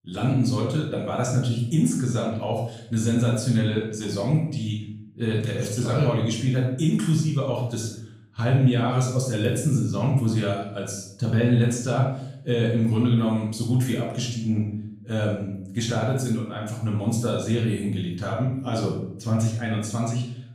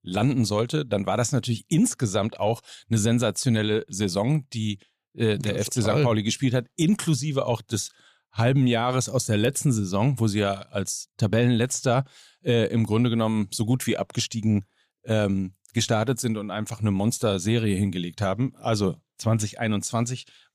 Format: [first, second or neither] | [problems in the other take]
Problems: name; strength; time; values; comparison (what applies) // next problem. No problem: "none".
second | off-mic speech; far // room echo; noticeable; dies away in 0.6 s